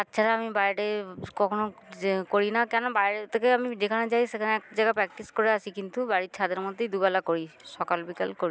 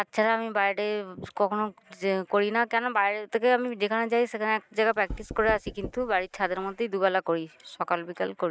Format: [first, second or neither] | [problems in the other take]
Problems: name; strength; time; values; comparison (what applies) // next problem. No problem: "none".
first | noise reduction (neural mask model RNNoise)